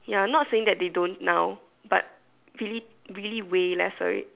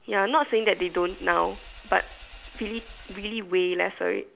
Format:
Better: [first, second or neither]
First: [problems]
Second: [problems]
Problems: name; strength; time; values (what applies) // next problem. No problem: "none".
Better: first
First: none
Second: background sound (Engine / Vehicle); 20 dB below the speech